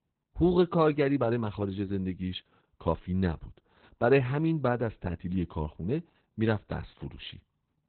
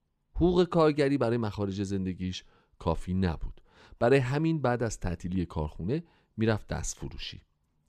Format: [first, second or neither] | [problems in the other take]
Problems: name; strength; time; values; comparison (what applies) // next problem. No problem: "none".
second | garbled, watery; badly; nothing above 4 kHz